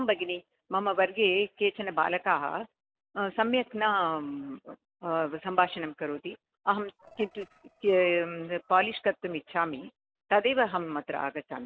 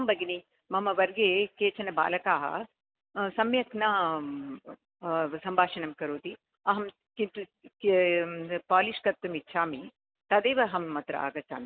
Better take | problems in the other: second | noise reduction (neural separator model SepFormer DNS4)

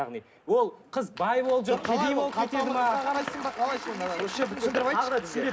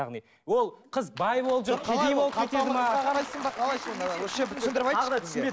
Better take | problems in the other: second | background sound (Fireworks); 16 dB below the speech // room echo; dies away in 0.3 s

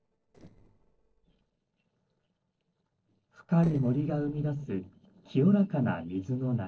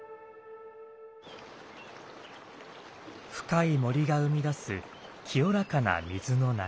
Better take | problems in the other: second | noise reduction (neural separator model SepFormer DNS4)

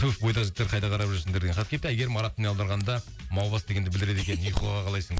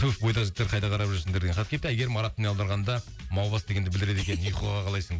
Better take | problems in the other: second | background sound (Scissors); 15 dB below the speech

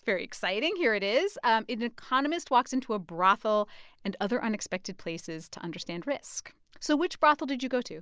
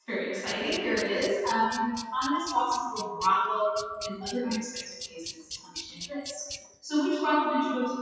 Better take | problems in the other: first | noise reduction (classical method WPE with log-MMSE)

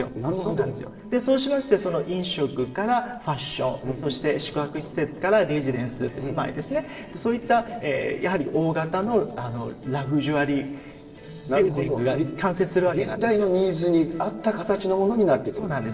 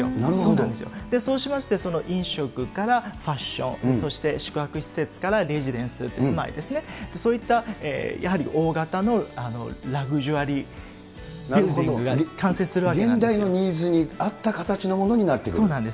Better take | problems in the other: second | noise reduction (neural separator model SepFormer DNS4)

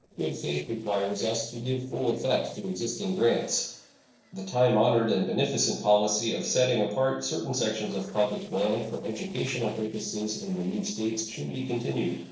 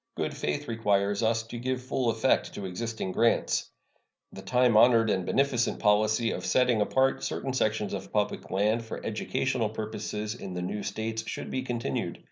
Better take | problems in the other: second | noise reduction (neural separator model SepFormer DNS4)

